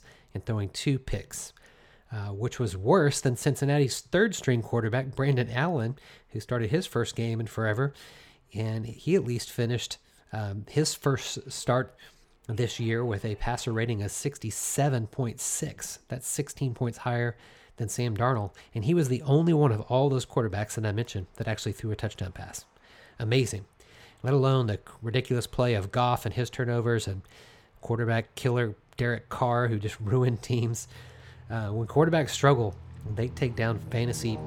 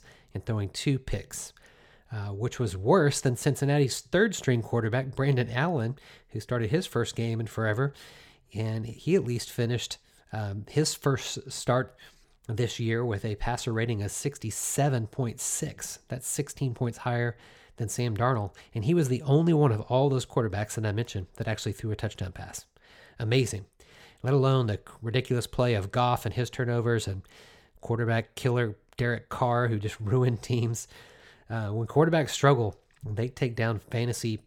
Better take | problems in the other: second | train or aircraft noise; faint; throughout; 20 dB below the speech

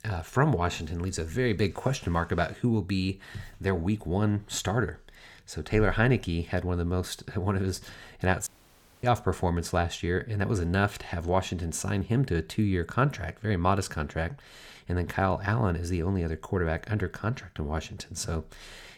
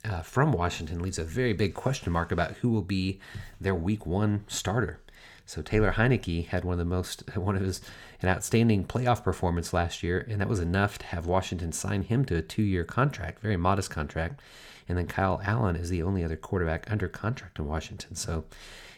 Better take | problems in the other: second | audio cutting out; at 8.5 s for 0.5 s

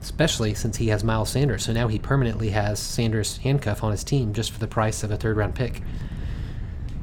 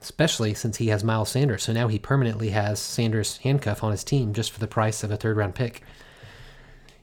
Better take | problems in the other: second | wind noise on the microphone; occasional gusts; 20 dB below the speech

